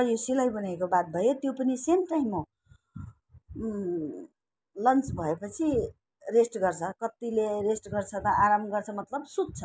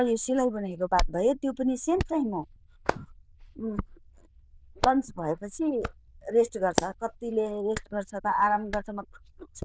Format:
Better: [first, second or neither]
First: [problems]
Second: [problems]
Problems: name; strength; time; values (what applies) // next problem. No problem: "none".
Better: first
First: none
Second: noise reduction (neural diffusion model UNIVERSE++)